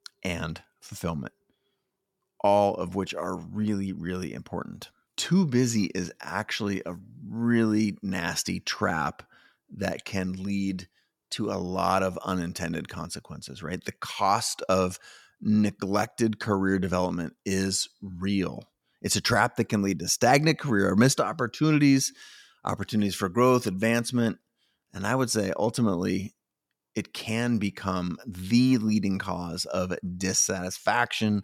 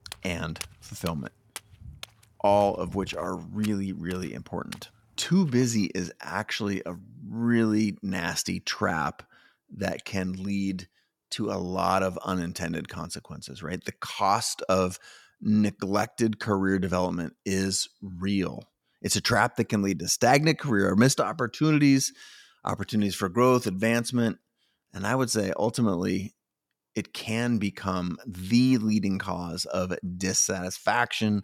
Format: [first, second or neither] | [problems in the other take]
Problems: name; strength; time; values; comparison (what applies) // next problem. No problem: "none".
first | footsteps; faint; until 5.5 s; peak 15 dB below the speech